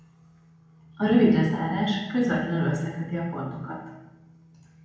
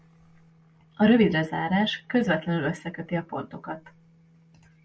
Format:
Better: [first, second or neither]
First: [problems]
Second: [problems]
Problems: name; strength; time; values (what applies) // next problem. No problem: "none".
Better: second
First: room echo; dies away in 0.9 s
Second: none